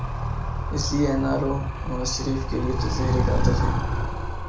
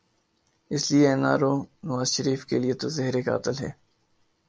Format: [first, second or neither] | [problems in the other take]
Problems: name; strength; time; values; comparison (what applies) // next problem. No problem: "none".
second | background sound (Animal); 3 dB above the speech // room echo; dies away in 0.4 s